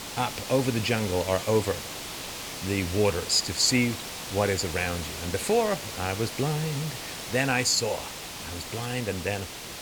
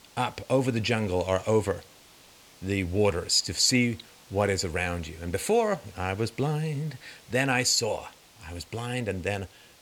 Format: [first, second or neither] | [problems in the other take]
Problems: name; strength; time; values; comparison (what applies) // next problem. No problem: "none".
second | hiss; loud; throughout; 8 dB below the speech; faint in the second